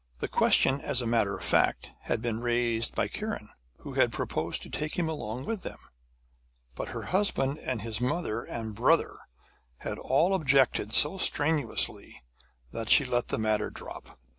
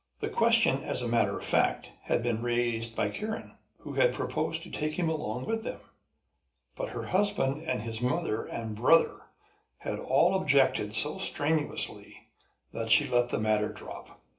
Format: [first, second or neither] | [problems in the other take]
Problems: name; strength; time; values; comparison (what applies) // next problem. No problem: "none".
first | room echo; dies away in 0.3 s